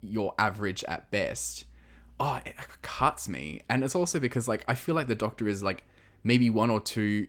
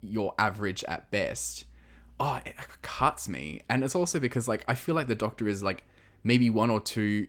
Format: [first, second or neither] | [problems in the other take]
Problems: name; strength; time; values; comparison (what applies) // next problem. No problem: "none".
neither | garbled, watery; slightly; nothing above 17.5 kHz; the same in both